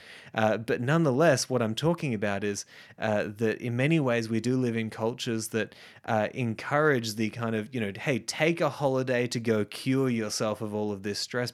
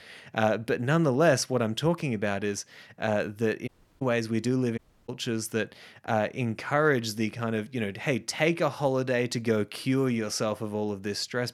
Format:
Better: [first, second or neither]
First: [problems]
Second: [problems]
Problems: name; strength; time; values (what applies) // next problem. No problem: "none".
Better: first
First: none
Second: audio cutting out; at 3.5 s and at 5 s